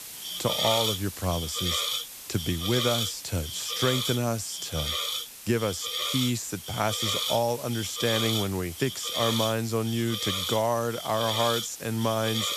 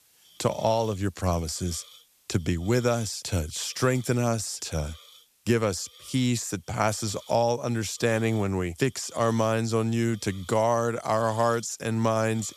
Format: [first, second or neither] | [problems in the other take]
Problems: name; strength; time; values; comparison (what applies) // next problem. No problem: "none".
second | hiss; loud; throughout; 1 dB below the speech; faint in the second